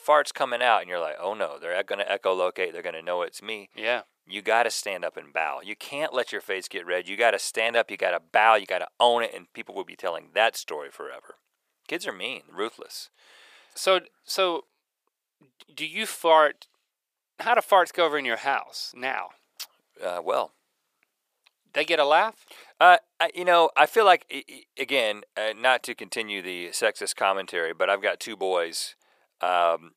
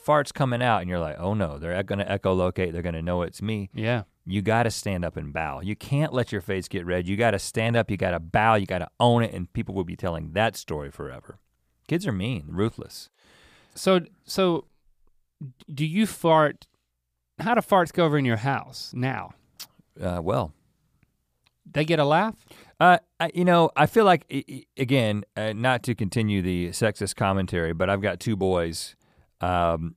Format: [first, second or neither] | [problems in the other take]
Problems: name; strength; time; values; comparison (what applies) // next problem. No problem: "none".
second | thin; very; fading below 450 Hz